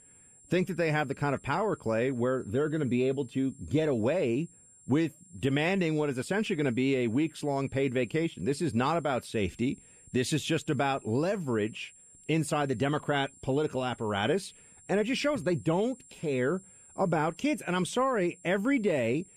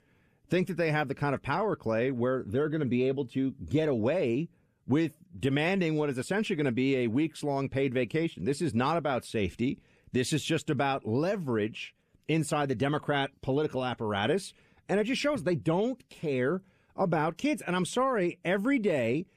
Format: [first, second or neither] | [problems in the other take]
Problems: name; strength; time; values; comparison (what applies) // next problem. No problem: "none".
second | high-pitched whine; faint; throughout; 7.5 kHz, 25 dB below the speech